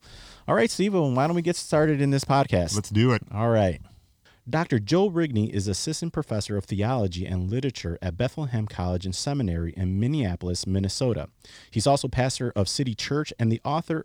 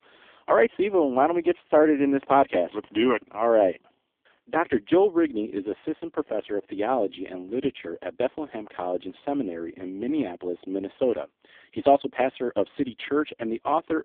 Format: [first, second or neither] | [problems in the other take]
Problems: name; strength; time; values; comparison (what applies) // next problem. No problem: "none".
first | phone-call audio; poor line; nothing above 3.5 kHz